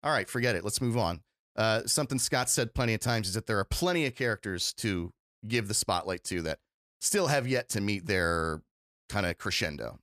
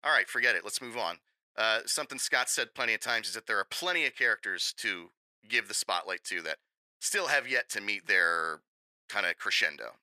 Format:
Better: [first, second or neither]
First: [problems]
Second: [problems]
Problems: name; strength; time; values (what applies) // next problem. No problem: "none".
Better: first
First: none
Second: thin; very; fading below 450 Hz